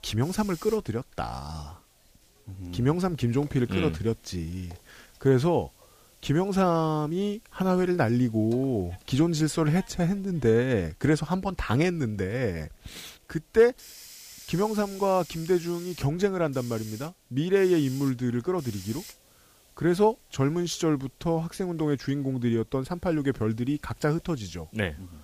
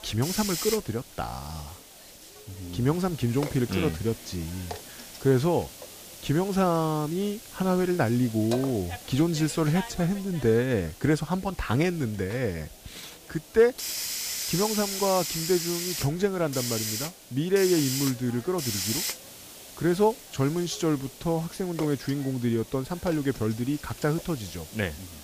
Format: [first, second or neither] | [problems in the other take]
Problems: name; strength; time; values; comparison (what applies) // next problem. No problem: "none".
first | hiss; loud; throughout; 7 dB below the speech; faint in the first